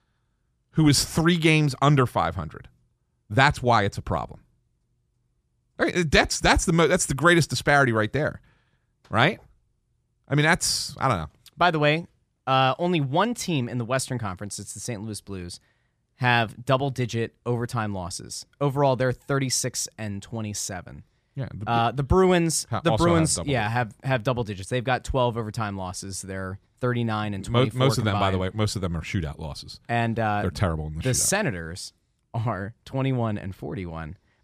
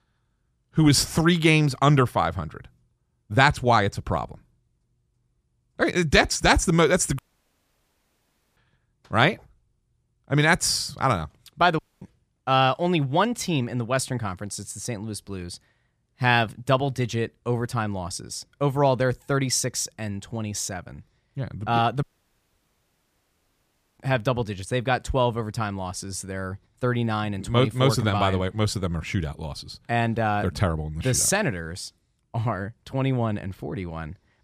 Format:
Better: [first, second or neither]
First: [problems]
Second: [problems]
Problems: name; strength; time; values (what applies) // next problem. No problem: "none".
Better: first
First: none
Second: audio cutting out; at 7 s for 1.5 s, at 12 s and at 22 s for 2 s